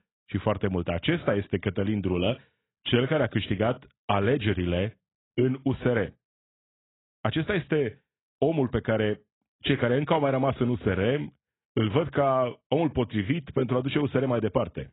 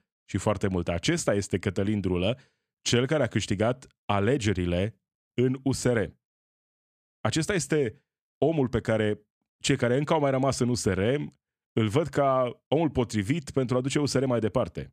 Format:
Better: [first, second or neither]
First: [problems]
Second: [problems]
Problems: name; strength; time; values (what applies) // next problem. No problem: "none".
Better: second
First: garbled, watery; badly; nothing above 3.5 kHz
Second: none